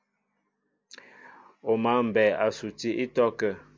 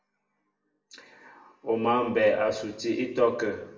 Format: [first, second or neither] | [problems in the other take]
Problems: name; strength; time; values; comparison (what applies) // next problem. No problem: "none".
first | room echo; dies away in 0.7 s